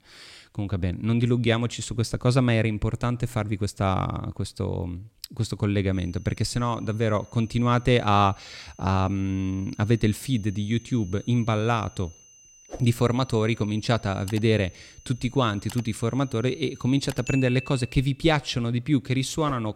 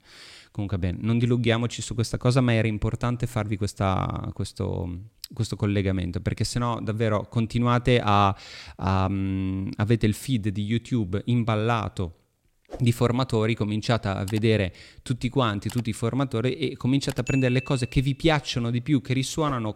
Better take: second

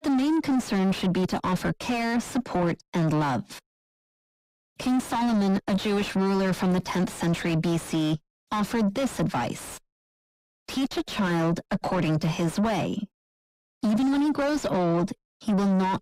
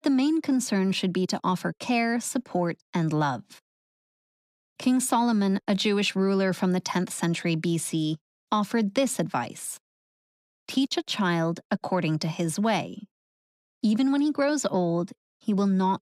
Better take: second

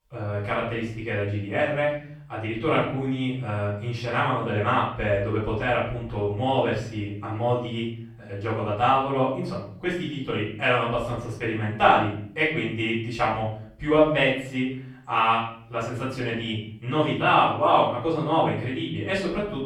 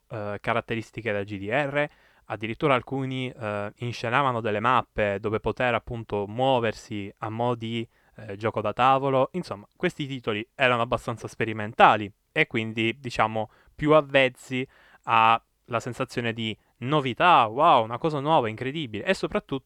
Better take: second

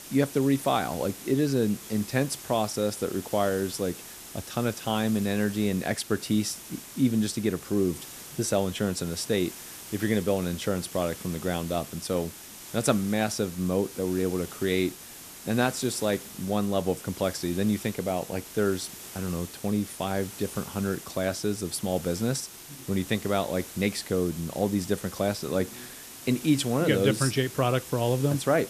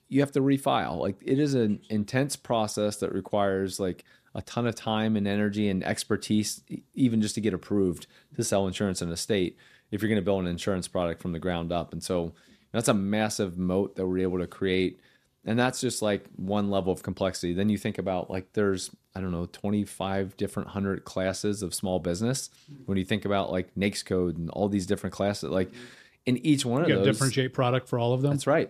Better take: second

